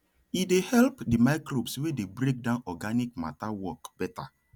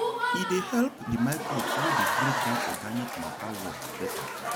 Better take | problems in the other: first | background sound (Applause / Crowd); 2 dB above the speech

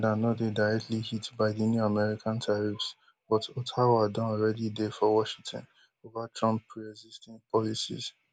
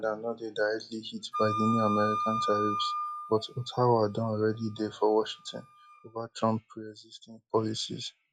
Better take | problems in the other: first | noise reduction (classical method log-MMSE)

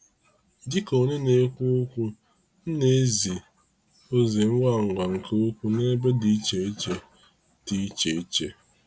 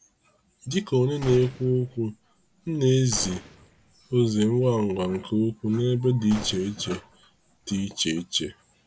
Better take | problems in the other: first | background sound (Gunshot, gunfire); 17 dB below the speech

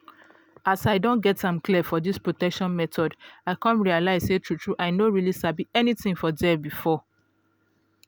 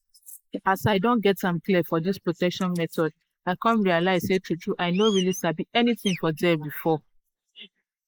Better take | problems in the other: first | noise reduction (neural mask model Resemble Enhance denoiser)

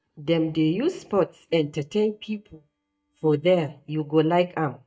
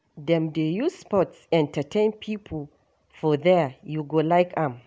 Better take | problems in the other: second | noise reduction (neural mask model DeepFilterNet 3)

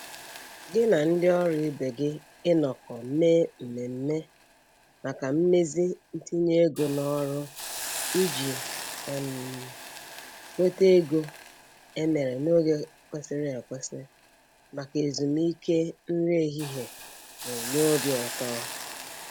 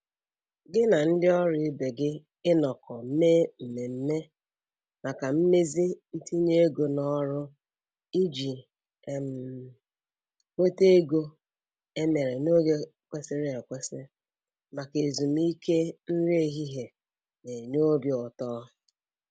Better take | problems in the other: second | background sound (Hiss); 13 dB below the speech

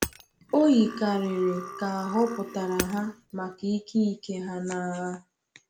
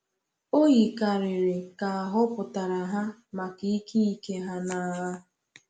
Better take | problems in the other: second | background sound (Burping, eructation + Hammer); 12 dB below the speech

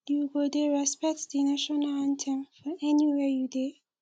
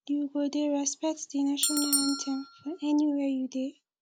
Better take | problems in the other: first | background sound (Bell); 4 dB below the speech

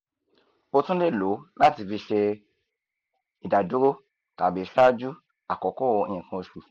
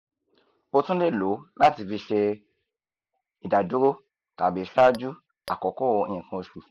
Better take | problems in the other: first | noise reduction (neural mask model Resemble Enhance denoiser)

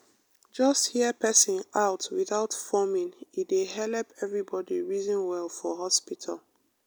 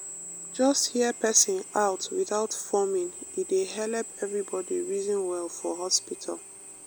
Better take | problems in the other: first | background sound (Drill); 14 dB below the speech

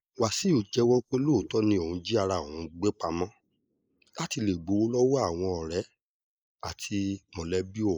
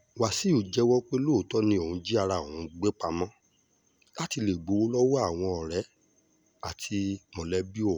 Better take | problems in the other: second | noise reduction (neural mask model Resemble Enhance denoiser)

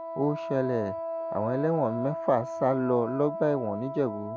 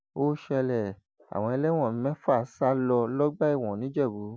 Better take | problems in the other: second | background sound (Wind instrument, woodwind instrument); 7 dB below the speech

